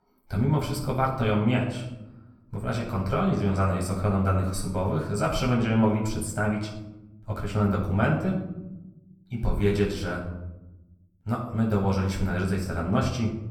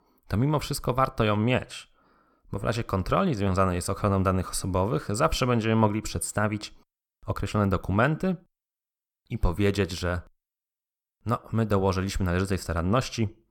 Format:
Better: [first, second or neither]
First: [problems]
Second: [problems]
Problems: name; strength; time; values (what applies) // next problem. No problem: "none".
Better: second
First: off-mic speech; far // room echo; slight; dies away in 0.9 s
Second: none